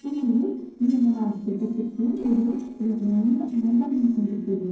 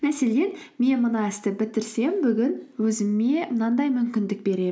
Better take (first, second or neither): second